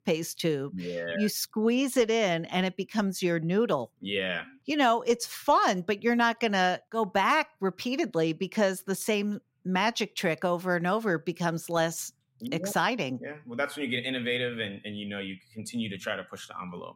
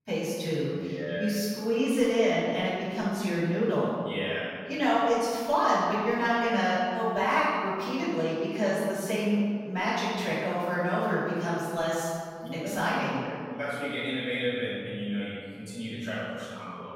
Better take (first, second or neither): first